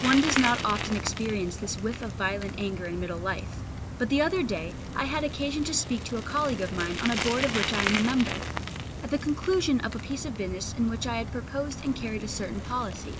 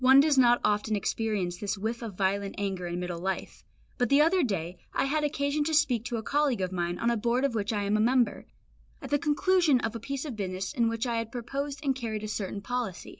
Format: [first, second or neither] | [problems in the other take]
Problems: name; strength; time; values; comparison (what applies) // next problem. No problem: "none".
second | background sound (Bicycle); 5 dB below the speech